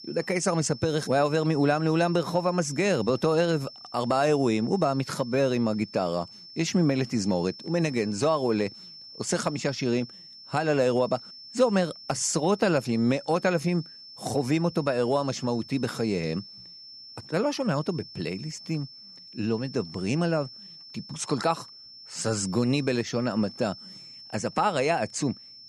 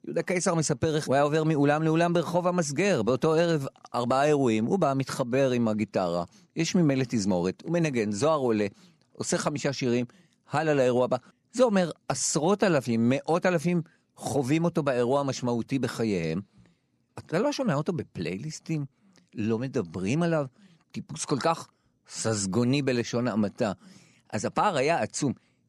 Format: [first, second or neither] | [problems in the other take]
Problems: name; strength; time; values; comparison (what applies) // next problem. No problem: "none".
second | high-pitched whine; noticeable; throughout; 5.5 kHz, 15 dB below the speech